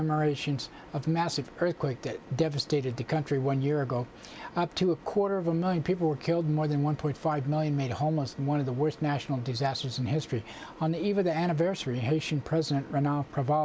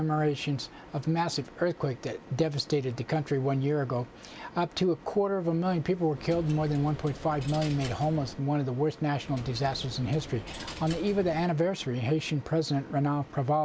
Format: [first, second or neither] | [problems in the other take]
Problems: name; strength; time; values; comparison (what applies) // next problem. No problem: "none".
first | background sound (Coin (dropping)); 14 dB below the speech